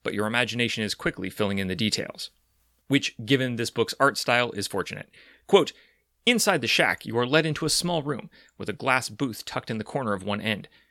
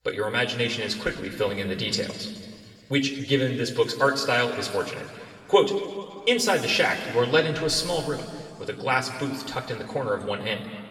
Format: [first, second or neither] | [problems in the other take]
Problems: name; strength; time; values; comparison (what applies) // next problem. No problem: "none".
first | room echo; noticeable; dies away in 2.1 s // off-mic speech; somewhat distant